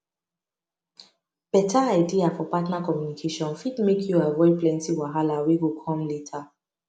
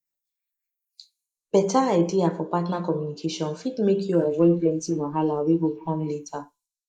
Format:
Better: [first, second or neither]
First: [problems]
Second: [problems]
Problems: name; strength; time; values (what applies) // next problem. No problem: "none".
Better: first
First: none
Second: noise reduction (neural mask model Resemble Enhance denoiser)